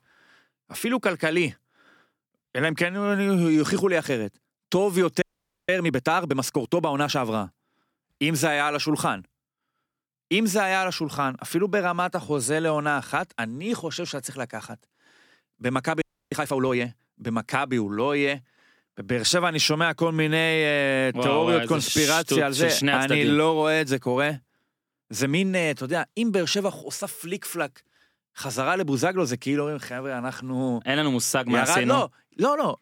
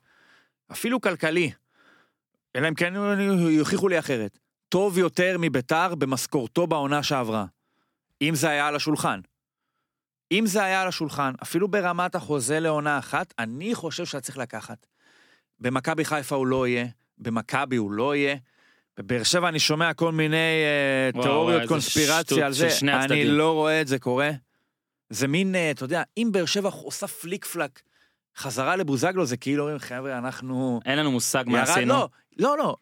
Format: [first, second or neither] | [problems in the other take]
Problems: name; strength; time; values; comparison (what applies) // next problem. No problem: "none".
second | audio freezing; at 5 s and at 16 s